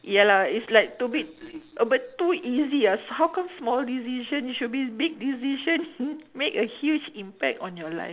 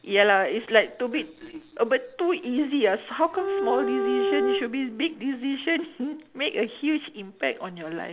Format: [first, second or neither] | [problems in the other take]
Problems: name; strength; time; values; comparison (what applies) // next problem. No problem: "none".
first | background sound (Bowed string instrument); as loud as the speech